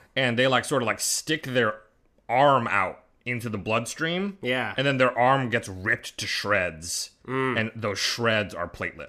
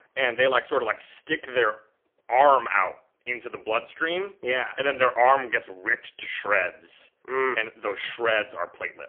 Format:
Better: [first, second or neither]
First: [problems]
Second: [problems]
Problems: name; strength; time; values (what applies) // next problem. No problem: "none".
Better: first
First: none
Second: phone-call audio; poor line; nothing above 3.5 kHz